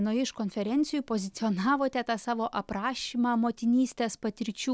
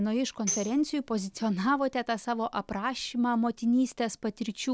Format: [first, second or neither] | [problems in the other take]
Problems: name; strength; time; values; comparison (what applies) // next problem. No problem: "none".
first | background sound (Tambourine); 10 dB below the speech